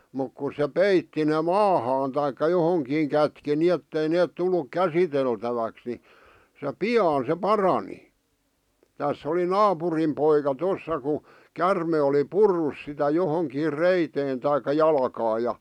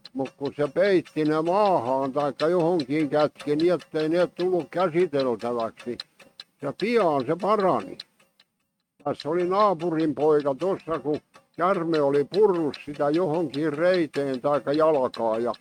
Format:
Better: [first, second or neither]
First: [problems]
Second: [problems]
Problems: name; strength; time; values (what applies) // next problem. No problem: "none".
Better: first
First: none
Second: noise reduction (neural mask model RNNoise)